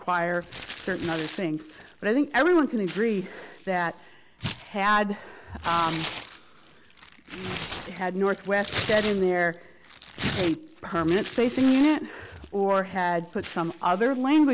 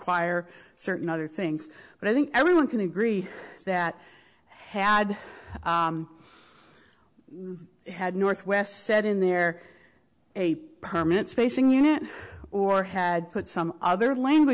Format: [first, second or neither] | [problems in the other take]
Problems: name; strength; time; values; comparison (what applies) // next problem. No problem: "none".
second | background sound (Tearing); 13 dB below the speech